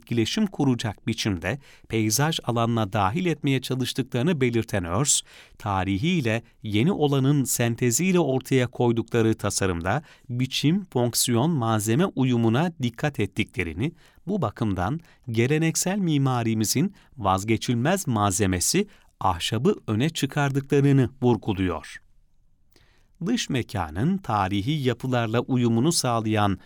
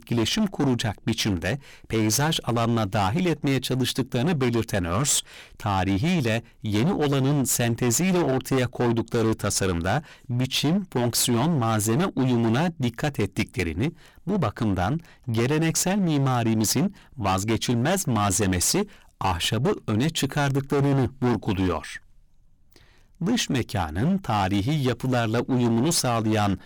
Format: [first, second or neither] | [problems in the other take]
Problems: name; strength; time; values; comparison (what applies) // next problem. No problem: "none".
first | distortion; heavy; 20% of the sound clipped